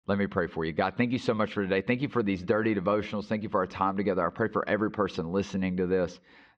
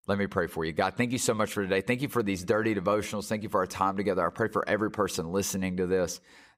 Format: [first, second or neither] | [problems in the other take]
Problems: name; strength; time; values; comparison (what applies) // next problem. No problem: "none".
second | muffled; slightly; fading above 4 kHz